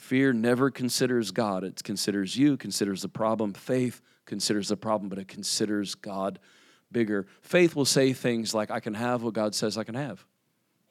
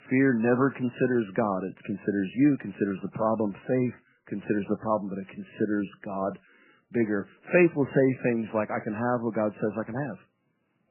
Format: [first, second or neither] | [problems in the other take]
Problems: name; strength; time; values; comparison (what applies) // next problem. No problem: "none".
first | garbled, watery; badly; nothing above 2.5 kHz